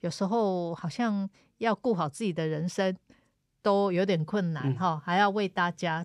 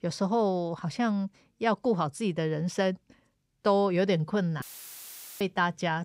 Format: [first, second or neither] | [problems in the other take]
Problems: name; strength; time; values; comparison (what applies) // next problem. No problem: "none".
first | audio cutting out; filled with static; at 4.5 s for 1 s